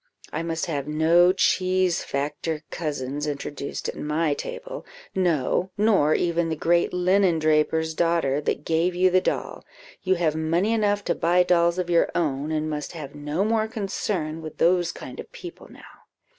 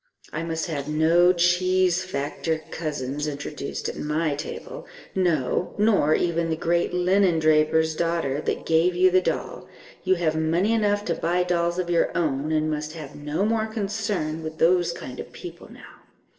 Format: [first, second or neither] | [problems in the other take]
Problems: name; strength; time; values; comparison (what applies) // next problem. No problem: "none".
first | noise reduction (neural separator model SepFormer DNS4)